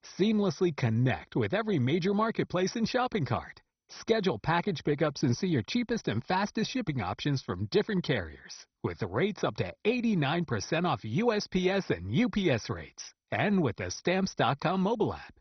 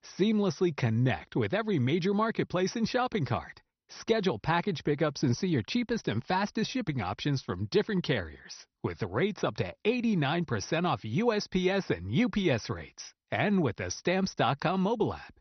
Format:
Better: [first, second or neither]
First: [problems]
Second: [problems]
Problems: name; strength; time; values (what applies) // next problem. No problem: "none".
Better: second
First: garbled, watery; badly; nothing above 6 kHz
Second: garbled, watery; slightly; nothing above 6 kHz